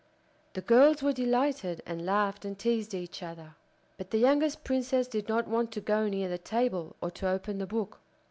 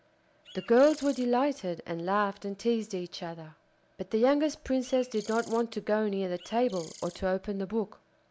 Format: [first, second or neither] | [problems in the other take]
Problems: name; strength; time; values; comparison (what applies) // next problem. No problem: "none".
first | background sound (Bird); 20 dB below the speech